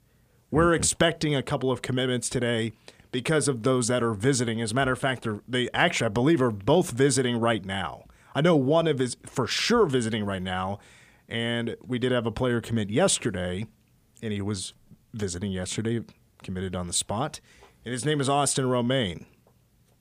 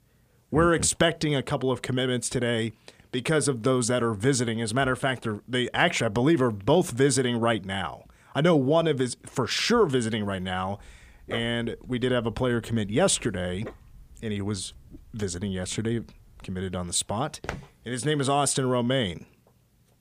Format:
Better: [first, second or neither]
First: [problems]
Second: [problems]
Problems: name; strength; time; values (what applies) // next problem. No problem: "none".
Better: first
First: none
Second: dog barking; faint; from 11 to 16 s; peak 10 dB below the speech // footsteps; faint; at 17 s; peak 10 dB below the speech